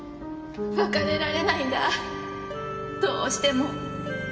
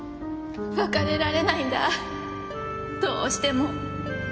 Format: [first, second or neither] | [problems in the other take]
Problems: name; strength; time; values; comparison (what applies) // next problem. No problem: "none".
second | room echo; dies away in 2.5 s